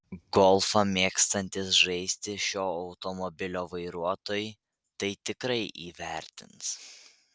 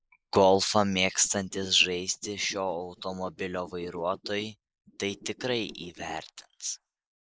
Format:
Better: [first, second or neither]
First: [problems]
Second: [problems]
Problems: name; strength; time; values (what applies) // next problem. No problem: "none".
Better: first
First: none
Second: noise reduction (neural mask model Resemble Enhance denoiser)